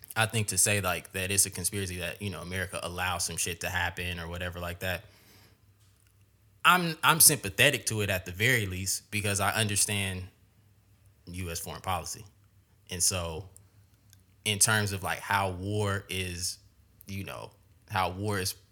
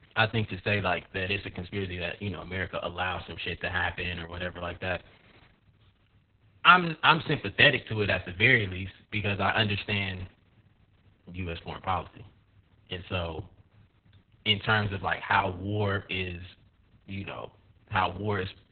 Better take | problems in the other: first | garbled, watery; badly; nothing above 4 kHz

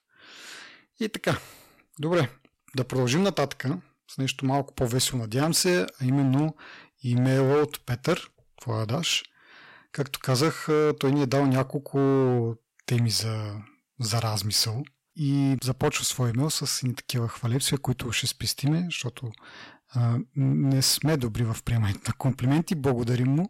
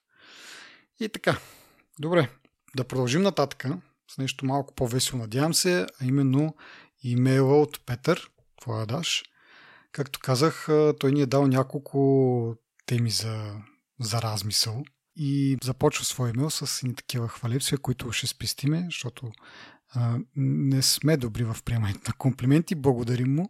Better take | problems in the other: second | distortion; slight; 7% of the sound clipped

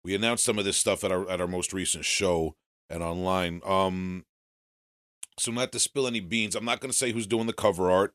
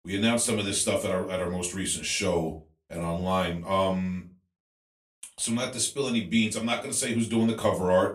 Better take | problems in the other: first | off-mic speech; far // room echo; very slight; dies away in 0.2 s

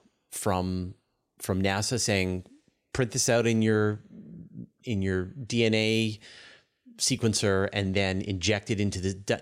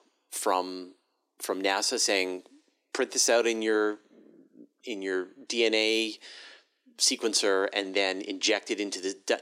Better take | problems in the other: first | thin; somewhat; fading below 300 Hz

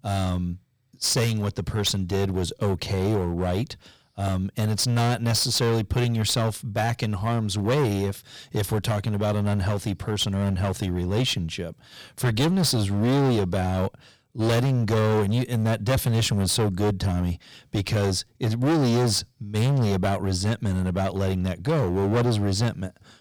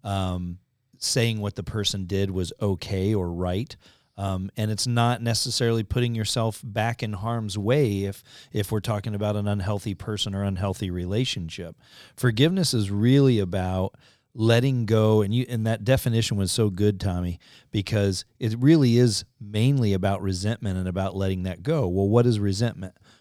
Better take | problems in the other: second | distortion; heavy; 15% of the sound clipped

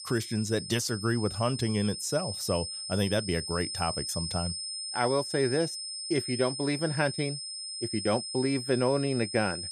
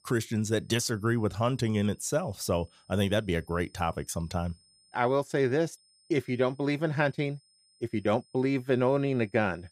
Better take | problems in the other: second | high-pitched whine; loud; throughout; 5 kHz, 5 dB below the speech; faint in the second

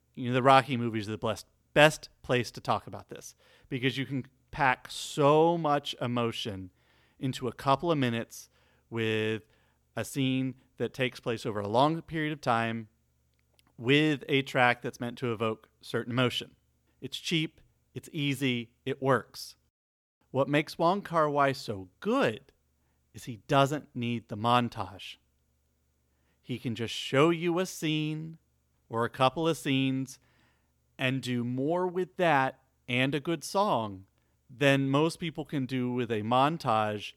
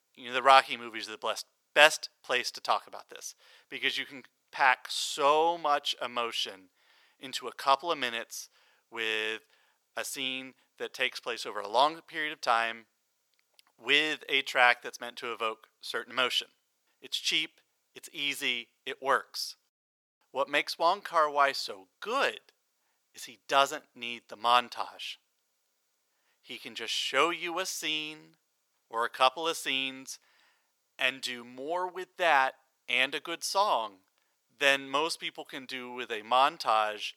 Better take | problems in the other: first | thin; very; fading below 700 Hz

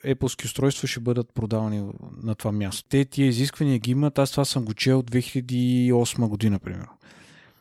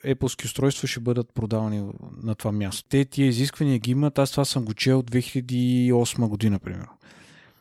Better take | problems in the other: neither | none

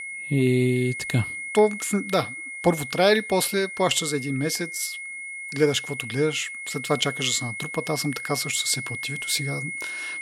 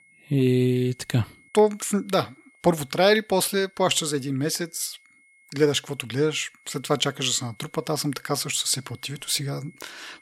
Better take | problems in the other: second | high-pitched whine; loud; throughout; 2 kHz, 8 dB below the speech; faint in the second

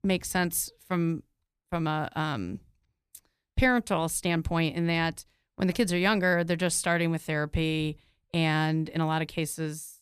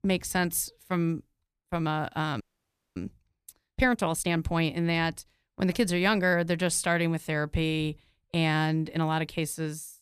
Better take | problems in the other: first | audio freezing; at 2.5 s for 0.5 s

